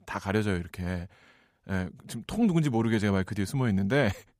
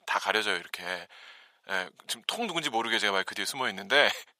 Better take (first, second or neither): first